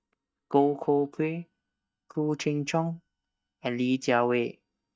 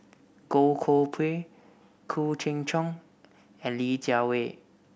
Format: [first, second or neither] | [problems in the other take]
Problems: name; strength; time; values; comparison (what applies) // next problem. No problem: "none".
second | noise reduction (neural mask model DeepFilterNet 3)